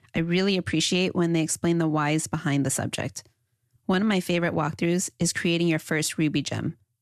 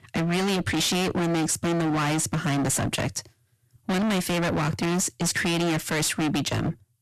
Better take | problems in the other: first | distortion; heavy; 37% of the sound clipped

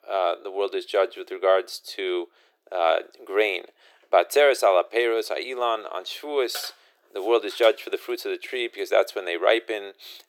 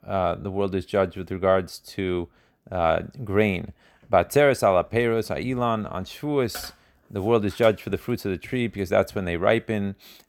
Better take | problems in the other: second | thin; very; fading below 350 Hz

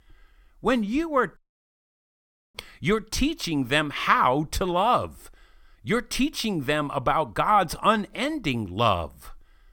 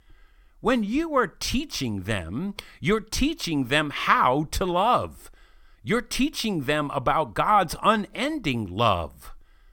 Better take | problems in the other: second | audio cutting out; at 1.5 s for 1 s

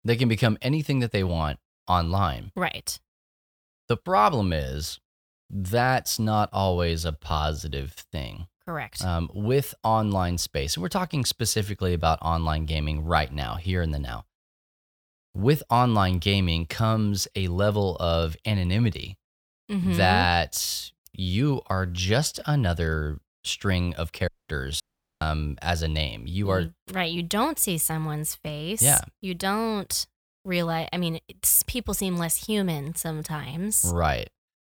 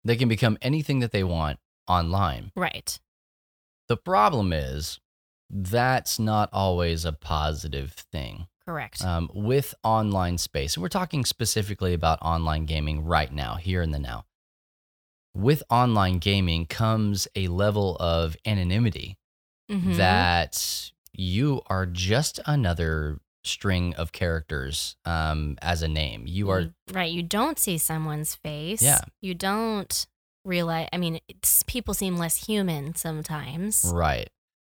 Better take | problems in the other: second | audio cutting out; at 24 s and at 25 s

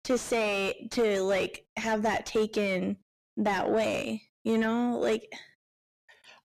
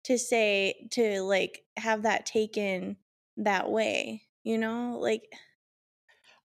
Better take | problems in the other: second | distortion; heavy; 7 dB below the speech

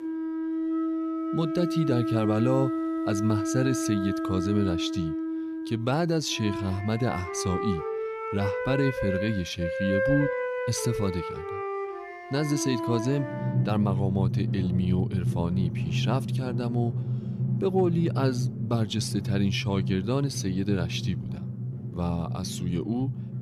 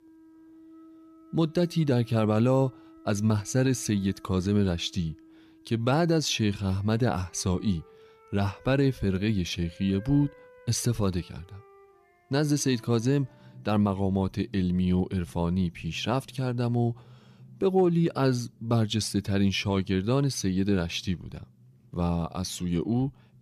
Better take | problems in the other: second | background music; loud; throughout; 2 dB below the speech; faint in the second

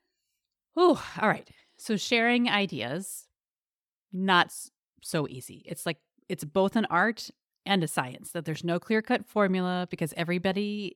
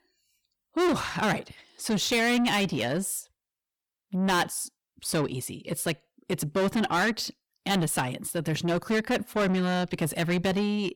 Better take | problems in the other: first | distortion; heavy; 6 dB below the speech

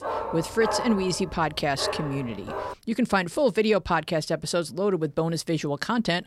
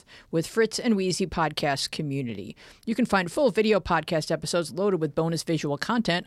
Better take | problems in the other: second | dog barking; noticeable; until 2.5 s; peak 3 dB below the speech

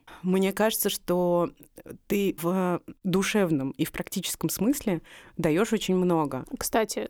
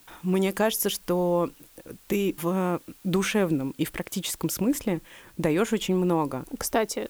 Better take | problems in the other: first | hiss; faint; throughout; 25 dB below the speech

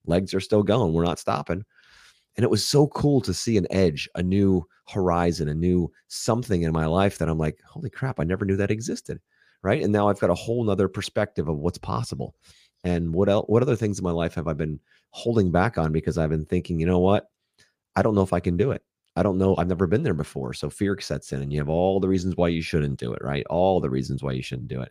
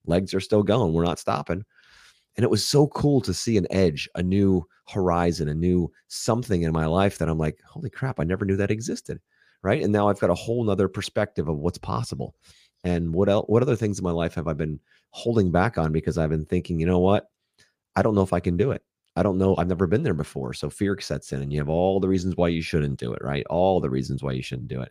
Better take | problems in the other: neither | none

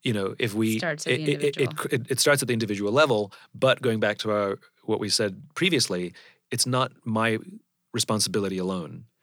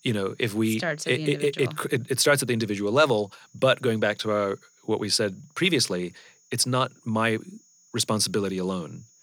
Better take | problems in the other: first | high-pitched whine; faint; throughout; 6.5 kHz, 35 dB below the speech

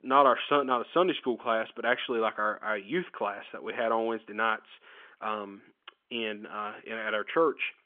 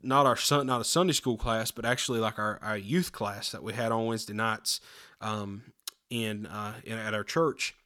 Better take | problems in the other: second | phone-call audio; nothing above 3.5 kHz

